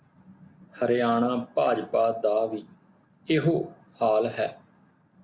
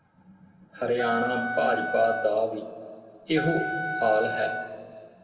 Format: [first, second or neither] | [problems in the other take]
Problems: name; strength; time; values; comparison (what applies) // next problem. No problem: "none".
first | background sound (Wind instrument, woodwind instrument); 4 dB below the speech // room echo; dies away in 1.5 s